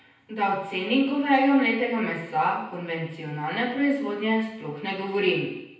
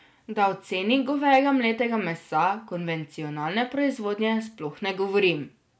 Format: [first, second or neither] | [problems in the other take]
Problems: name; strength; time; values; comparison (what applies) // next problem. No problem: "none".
second | room echo; dies away in 0.9 s